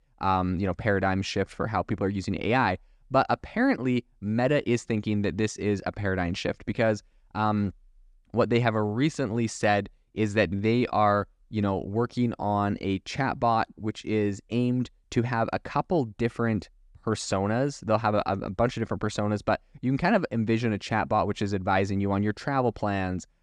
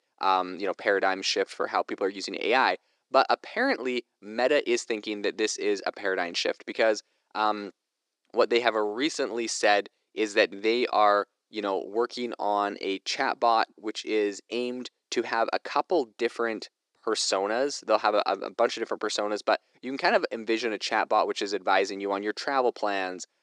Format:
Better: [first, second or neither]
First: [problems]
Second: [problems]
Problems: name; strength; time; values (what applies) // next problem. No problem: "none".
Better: first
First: none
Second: thin; somewhat; fading below 350 Hz